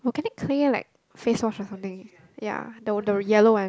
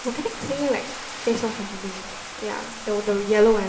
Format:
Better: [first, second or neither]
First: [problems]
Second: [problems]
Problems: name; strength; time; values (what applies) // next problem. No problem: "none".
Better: first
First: none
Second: background sound (Bathtub (filling or washing)); 10 dB below the speech // room echo; dies away in 1.6 s